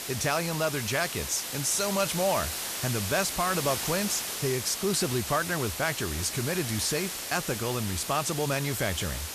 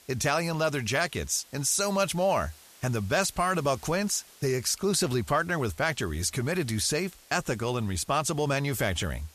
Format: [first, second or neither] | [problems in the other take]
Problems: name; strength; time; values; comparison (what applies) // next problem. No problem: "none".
second | hiss; loud; throughout; 4 dB below the speech; faint in the second